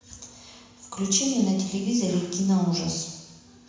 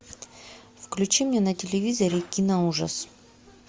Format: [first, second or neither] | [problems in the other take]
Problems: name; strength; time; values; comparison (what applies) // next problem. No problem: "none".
second | room echo; dies away in 1 s